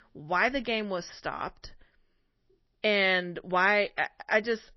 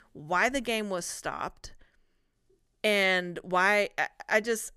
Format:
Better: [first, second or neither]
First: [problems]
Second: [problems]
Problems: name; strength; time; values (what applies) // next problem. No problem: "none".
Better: second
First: garbled, watery; slightly; nothing above 5.5 kHz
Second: none